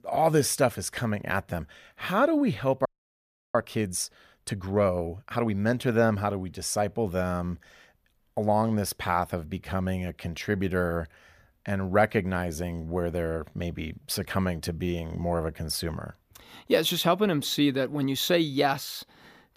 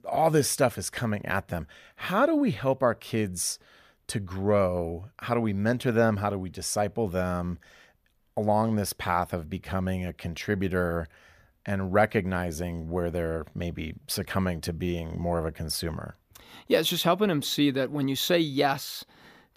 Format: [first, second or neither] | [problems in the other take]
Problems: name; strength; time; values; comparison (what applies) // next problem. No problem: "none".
second | audio freezing; at 3 s for 0.5 s